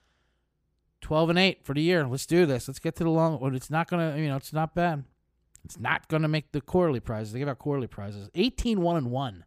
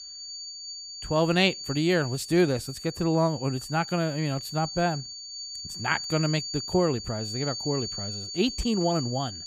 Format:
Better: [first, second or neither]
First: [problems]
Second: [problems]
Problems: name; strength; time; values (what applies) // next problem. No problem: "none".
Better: first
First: none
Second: high-pitched whine; loud; throughout; 4.5 kHz, 8 dB below the speech